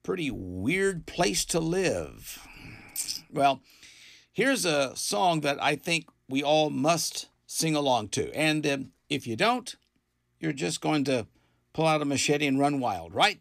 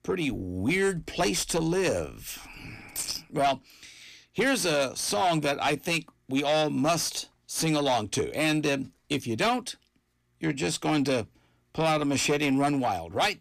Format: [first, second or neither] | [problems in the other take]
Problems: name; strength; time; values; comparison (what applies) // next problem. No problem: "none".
first | distortion; slight; 10 dB below the speech